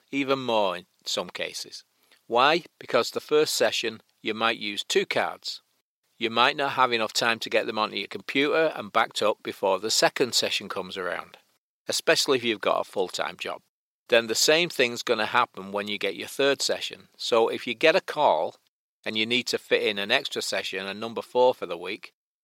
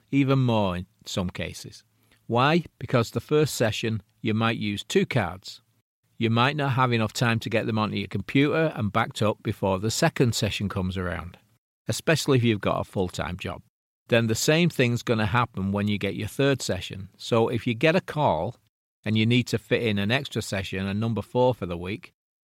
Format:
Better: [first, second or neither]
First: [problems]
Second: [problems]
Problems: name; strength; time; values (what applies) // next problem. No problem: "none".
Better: second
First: thin; somewhat; fading below 500 Hz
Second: none